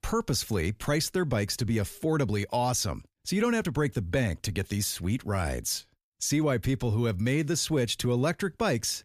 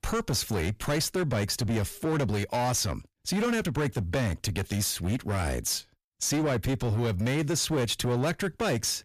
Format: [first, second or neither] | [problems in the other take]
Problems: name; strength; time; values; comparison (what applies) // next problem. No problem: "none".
first | distortion; slight; 20% of the sound clipped